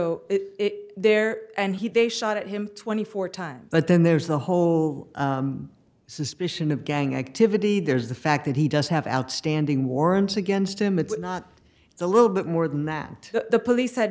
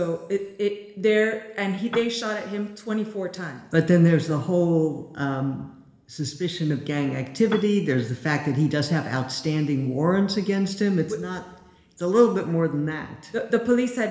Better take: first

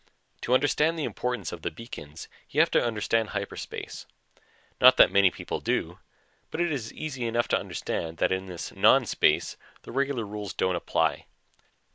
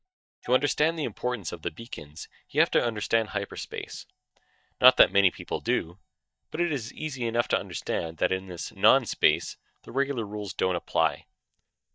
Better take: first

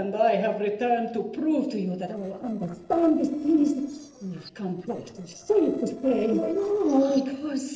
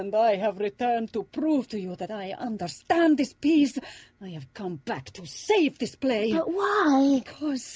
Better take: second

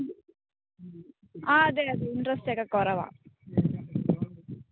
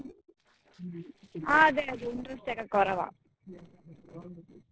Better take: first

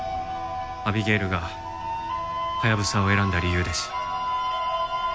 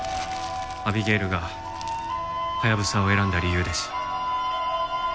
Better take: first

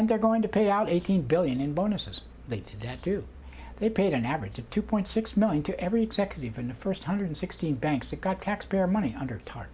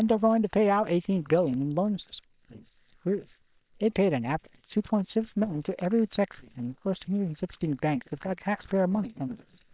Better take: first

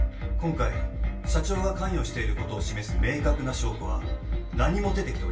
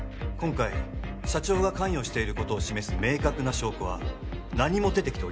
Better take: second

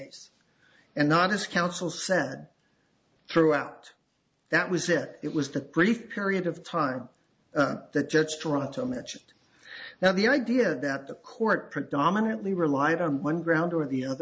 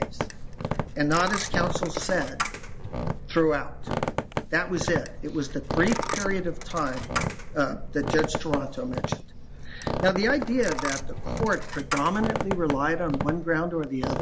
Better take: first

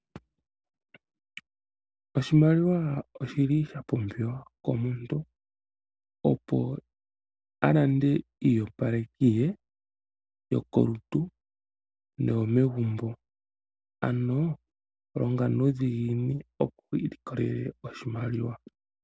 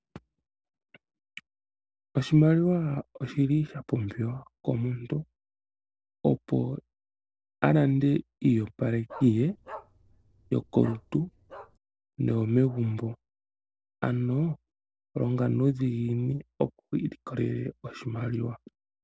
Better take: first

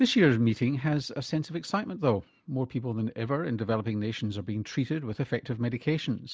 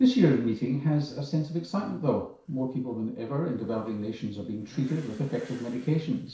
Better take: first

